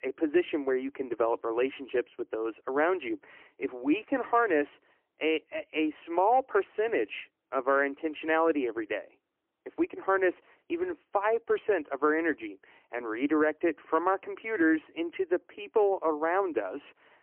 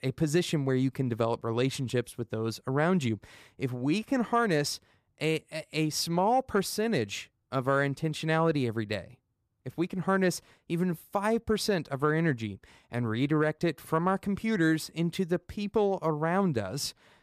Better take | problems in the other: second | phone-call audio; poor line; nothing above 3 kHz

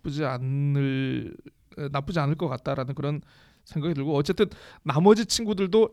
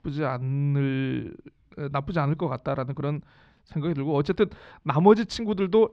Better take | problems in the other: first | muffled; slightly; fading above 3 kHz

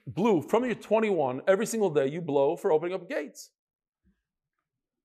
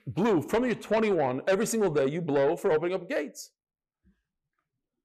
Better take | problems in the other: first | distortion; slight; 10 dB below the speech

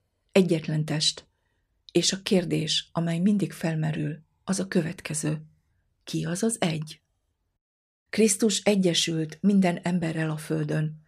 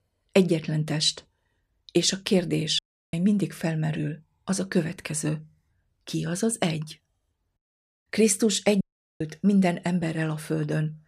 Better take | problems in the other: first | audio cutting out; at 3 s and at 9 s

